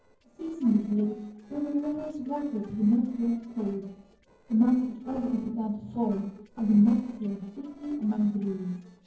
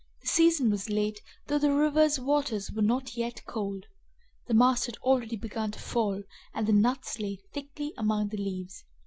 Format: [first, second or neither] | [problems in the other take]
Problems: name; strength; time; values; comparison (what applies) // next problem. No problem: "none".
second | noise reduction (neural separator model SepFormer DNS4)